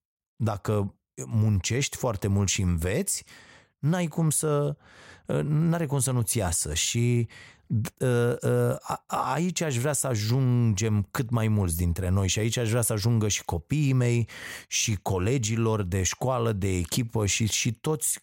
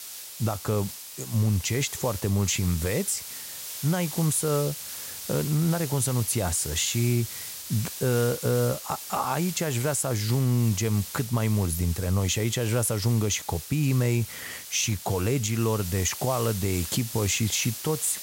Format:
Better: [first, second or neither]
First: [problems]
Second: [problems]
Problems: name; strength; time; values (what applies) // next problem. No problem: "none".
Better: first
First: none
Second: hiss; loud; throughout; 9 dB below the speech